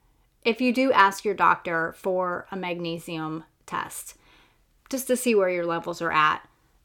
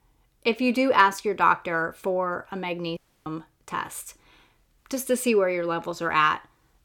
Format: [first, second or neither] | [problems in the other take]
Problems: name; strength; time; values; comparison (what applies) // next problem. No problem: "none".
first | audio cutting out; at 3 s